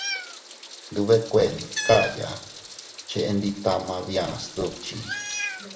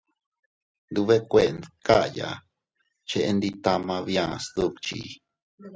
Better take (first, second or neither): second